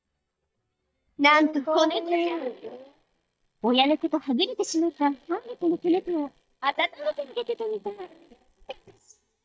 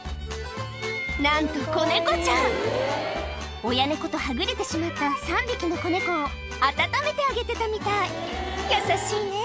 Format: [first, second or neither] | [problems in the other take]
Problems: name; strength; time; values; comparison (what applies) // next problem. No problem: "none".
second | noise reduction (neural mask model DeepFilterNet 3)